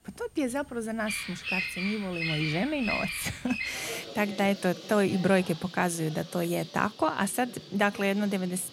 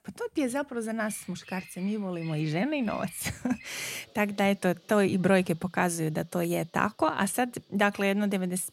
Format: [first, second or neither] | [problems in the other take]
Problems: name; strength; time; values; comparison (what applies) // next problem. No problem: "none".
second | animal sounds; loud; throughout; 6 dB below the speech; faint in the second